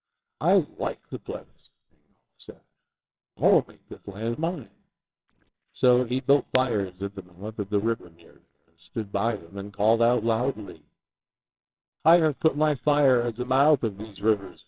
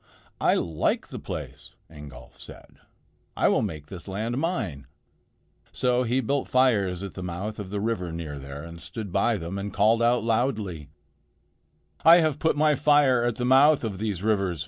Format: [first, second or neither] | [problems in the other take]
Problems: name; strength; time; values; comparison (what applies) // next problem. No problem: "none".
second | noise reduction (neural separator model SepFormer WHAMR!)